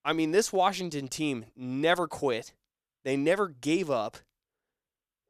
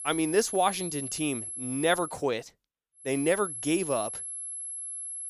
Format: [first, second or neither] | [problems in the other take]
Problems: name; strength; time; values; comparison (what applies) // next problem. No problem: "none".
first | high-pitched whine; loud; until 2 s and from 3 s on; 11 kHz, 6 dB below the speech